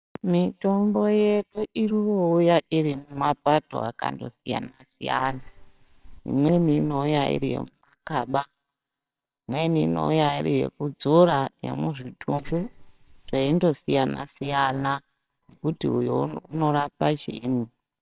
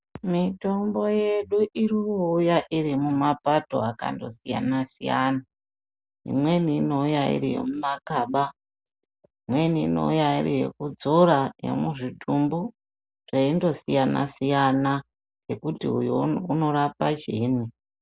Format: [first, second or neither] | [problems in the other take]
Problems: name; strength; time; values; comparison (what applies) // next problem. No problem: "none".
second | noise reduction (neural separator model SepFormer WHAMR!)